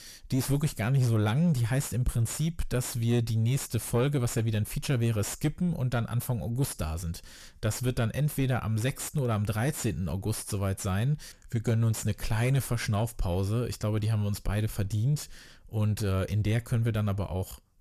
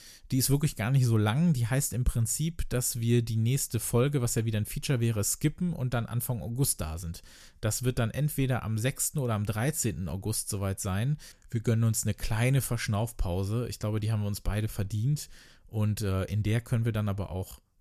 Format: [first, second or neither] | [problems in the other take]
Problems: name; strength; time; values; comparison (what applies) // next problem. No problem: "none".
second | distortion; slight; 10 dB below the speech